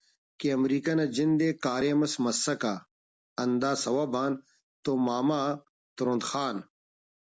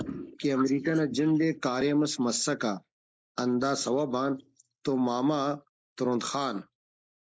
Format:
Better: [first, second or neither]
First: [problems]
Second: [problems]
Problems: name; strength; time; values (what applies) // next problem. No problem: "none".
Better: first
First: none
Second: noise reduction (neural mask model Resemble Enhance denoiser)